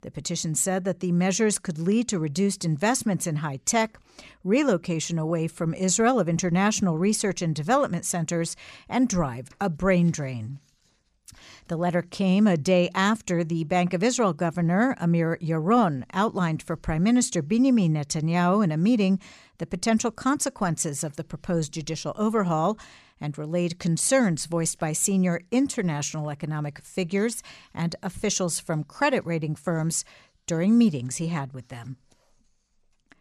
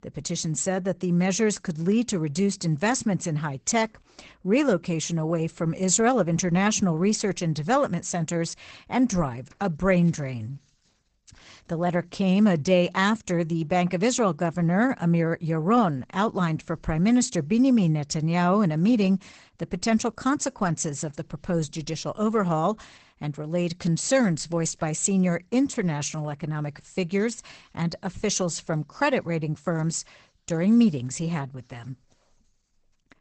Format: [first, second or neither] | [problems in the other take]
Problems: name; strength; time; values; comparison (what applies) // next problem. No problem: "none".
first | garbled, watery; badly; nothing above 8 kHz